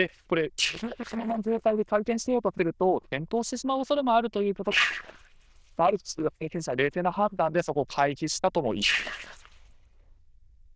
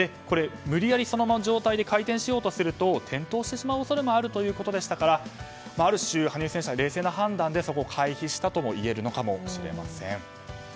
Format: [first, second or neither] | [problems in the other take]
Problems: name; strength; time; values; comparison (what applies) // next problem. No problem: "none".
second | noise reduction (neural diffusion model UNIVERSE++)